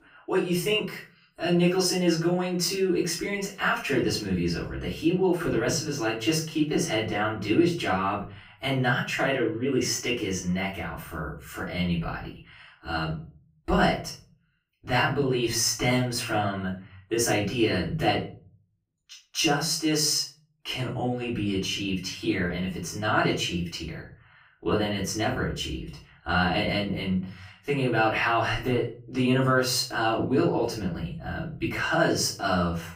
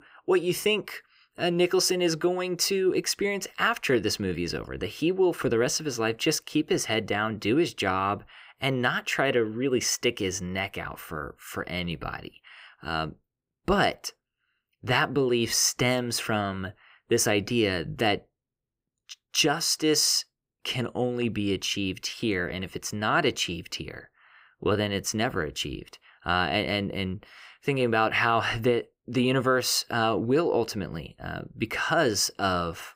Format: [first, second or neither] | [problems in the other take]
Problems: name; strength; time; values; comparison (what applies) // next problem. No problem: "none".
second | off-mic speech; far // room echo; slight; dies away in 0.4 s